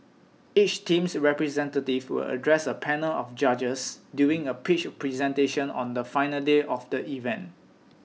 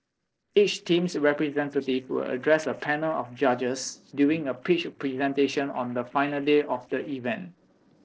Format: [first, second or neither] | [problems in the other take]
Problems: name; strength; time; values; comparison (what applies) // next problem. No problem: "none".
first | noise reduction (neural separator model SepFormer DNS4)